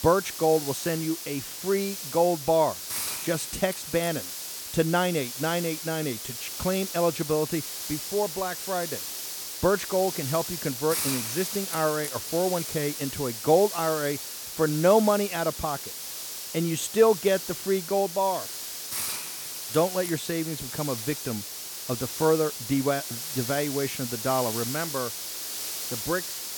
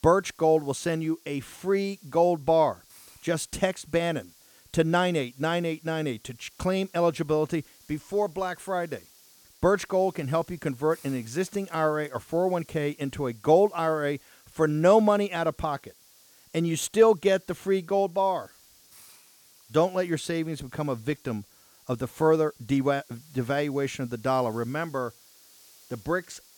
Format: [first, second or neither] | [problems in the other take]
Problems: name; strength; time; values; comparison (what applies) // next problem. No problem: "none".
second | hiss; loud; throughout; 5 dB below the speech; faint in the second